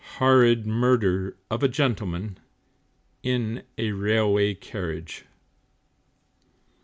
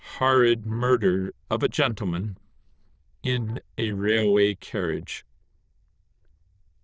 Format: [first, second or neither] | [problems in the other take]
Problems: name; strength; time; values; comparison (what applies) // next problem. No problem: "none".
first | noise reduction (neural diffusion model UNIVERSE++)